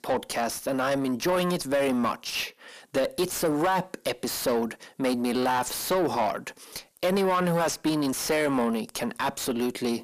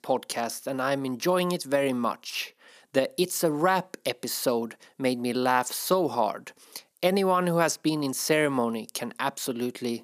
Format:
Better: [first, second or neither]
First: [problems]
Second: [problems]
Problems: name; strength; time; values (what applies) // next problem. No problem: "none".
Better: second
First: distortion; heavy; 7 dB below the speech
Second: none